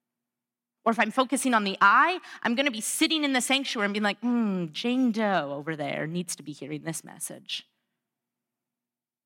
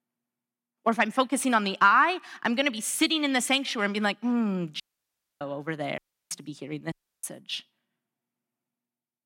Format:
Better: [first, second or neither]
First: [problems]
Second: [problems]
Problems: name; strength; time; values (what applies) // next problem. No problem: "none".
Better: first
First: none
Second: audio cutting out; at 5 s for 0.5 s, at 6 s and at 7 s